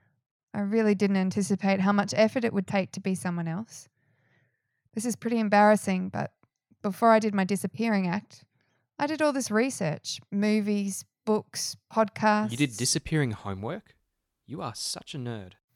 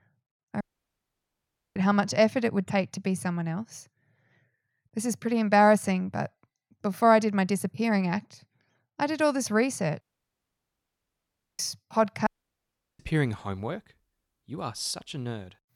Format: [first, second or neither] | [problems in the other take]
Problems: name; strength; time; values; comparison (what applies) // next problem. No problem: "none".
first | audio cutting out; at 0.5 s for 1 s, at 10 s for 1.5 s and at 12 s for 0.5 s